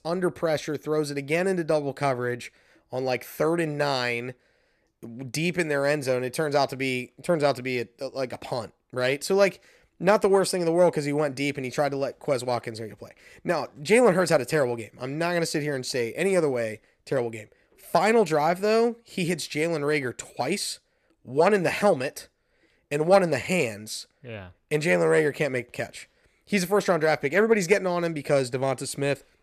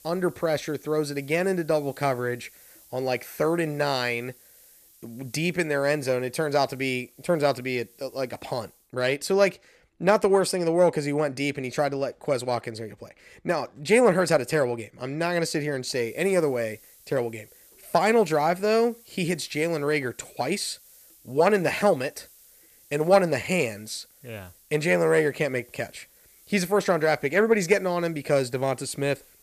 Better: first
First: none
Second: hiss; faint; until 9 s and from 16 s on; 25 dB below the speech

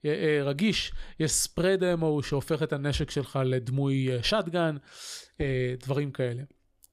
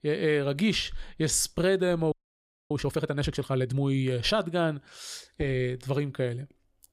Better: first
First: none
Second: audio freezing; at 2 s for 0.5 s

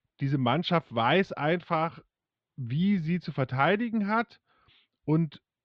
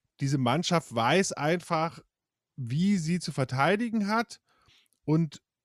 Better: second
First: muffled; slightly; fading above 3.5 kHz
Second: none

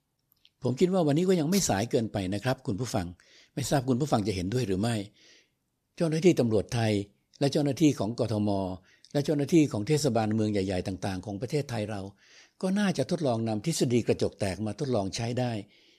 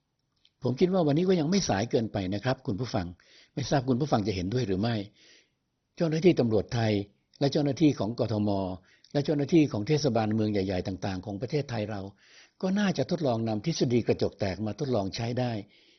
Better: first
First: none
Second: garbled, watery; badly; nothing above 6 kHz

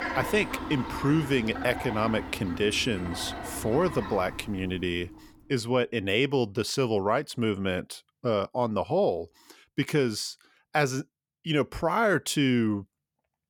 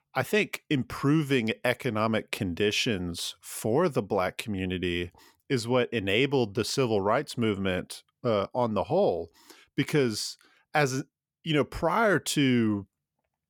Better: second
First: animal sounds; loud; until 5 s; 9 dB below the speech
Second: none

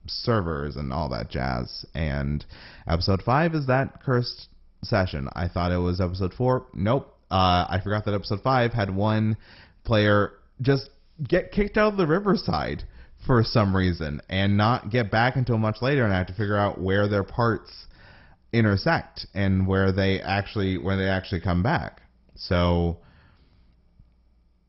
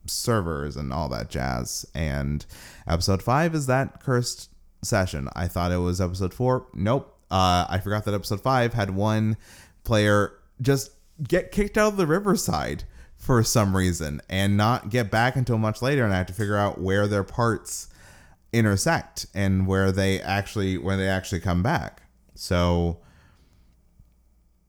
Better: second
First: garbled, watery; badly; nothing above 5.5 kHz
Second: none

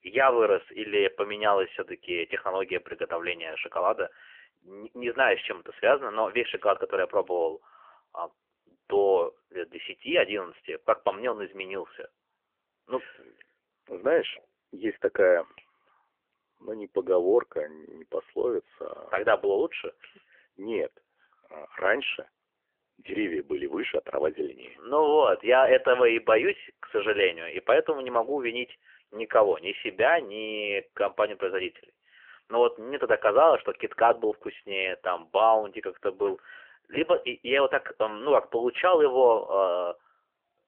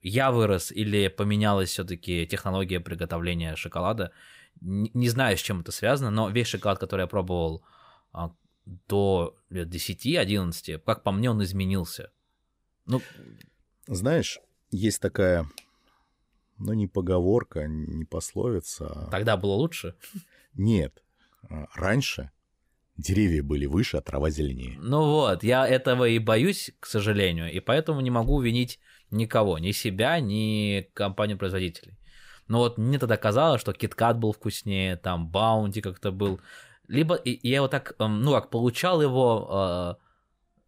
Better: second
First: phone-call audio; nothing above 3 kHz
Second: none

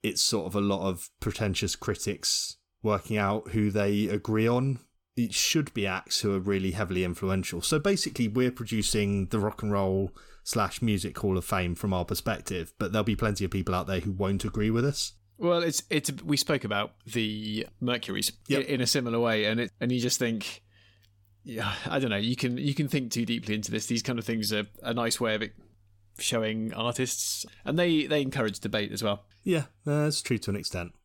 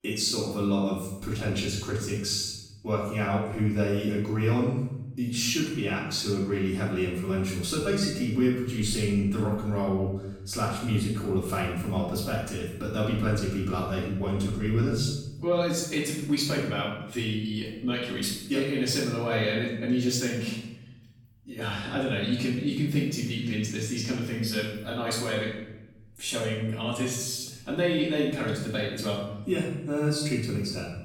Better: first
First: none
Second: off-mic speech; far // room echo; noticeable; dies away in 0.9 s

